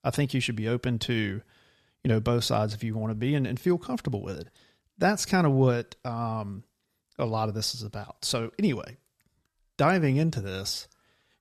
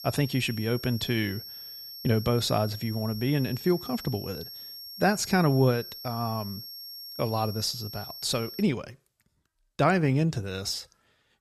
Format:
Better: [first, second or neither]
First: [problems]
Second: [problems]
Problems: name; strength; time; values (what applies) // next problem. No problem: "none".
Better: first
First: none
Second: high-pitched whine; noticeable; until 8.5 s; 5.5 kHz, 10 dB below the speech